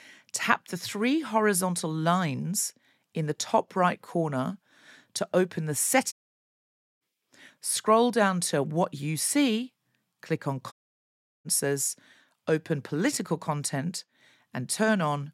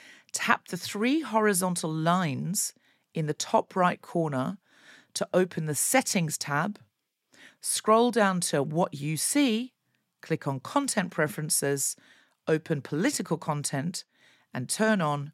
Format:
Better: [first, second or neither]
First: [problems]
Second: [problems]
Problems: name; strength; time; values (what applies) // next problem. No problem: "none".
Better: second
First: audio cutting out; at 6 s for 1 s and at 11 s for 0.5 s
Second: none